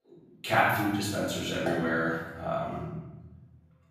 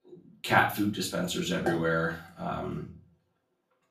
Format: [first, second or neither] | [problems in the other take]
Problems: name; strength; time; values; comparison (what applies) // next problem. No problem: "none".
second | room echo; strong; dies away in 1.2 s; slight in the second // off-mic speech; far; far in the second